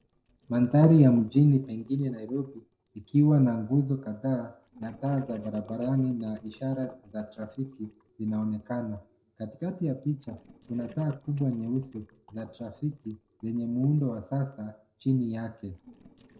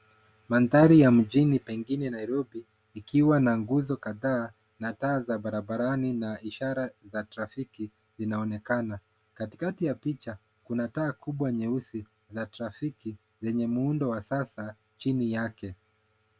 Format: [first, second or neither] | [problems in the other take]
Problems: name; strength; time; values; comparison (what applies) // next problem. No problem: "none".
second | noise reduction (neural separator model SepFormer DNS4)